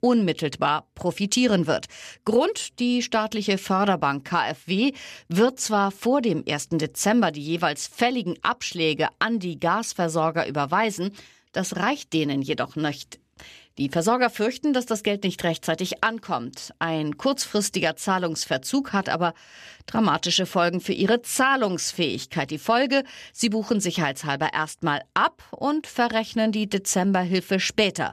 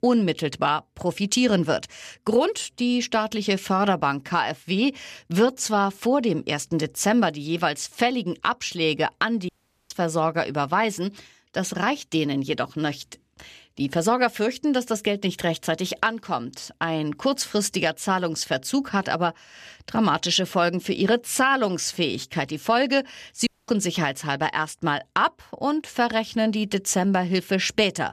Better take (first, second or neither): first